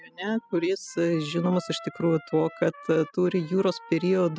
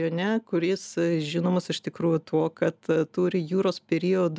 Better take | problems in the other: second | noise reduction (classical method spectral subtraction)

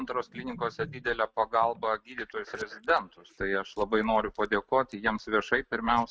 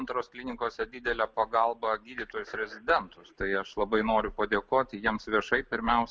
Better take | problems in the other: second | noise reduction (neural mask model RNNoise)

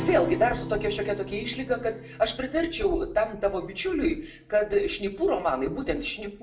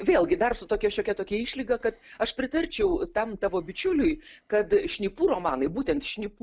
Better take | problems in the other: second | background sound (Acoustic guitar); 13 dB below the speech // room echo; dies away in 0.4 s

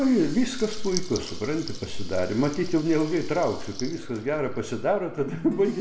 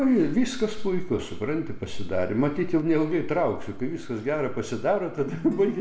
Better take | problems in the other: second | background sound (Water tap, faucet / Liquid); 18 dB below the speech

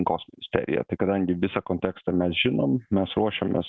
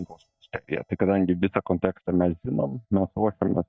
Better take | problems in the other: first | noise reduction (neural mask model DeepFilterNet 3)

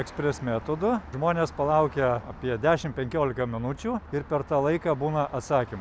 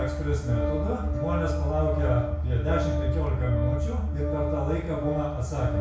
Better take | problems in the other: first | background sound (Organ); 8 dB below the speech // room echo; dies away in 0.6 s

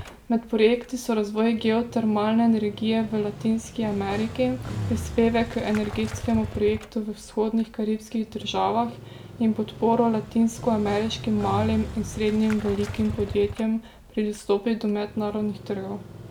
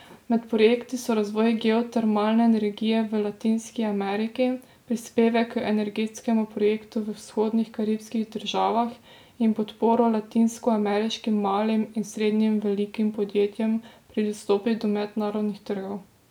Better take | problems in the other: second | background sound (Motorcycle); 12 dB below the speech

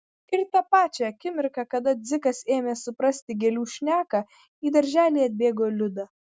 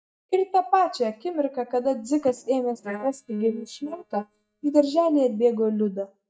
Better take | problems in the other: first | noise reduction (neural mask model DeepFilterNet 3)

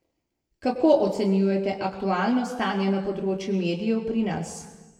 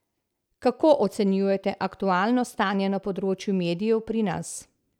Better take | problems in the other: second | room echo; dies away in 1.2 s

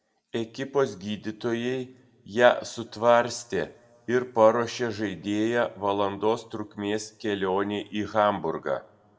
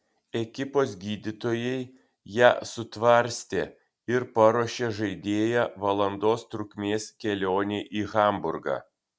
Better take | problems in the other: second | room echo; dies away in 1.7 s

